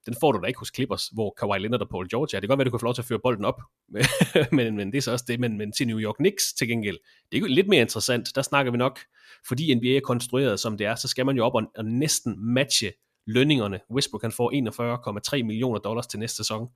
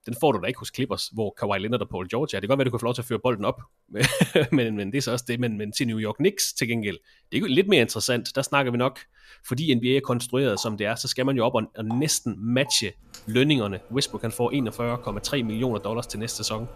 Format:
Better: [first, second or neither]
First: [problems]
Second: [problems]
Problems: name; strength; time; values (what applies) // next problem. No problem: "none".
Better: first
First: none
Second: household noises; faint; throughout; 20 dB below the speech